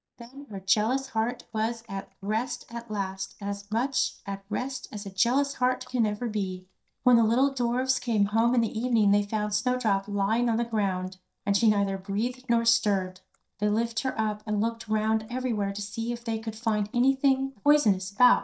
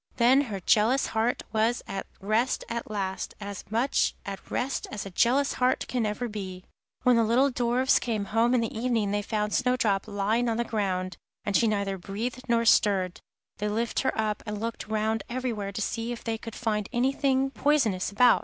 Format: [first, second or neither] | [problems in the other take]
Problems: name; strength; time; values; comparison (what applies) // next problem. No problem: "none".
second | noise reduction (neural mask model DeepFilterNet 3)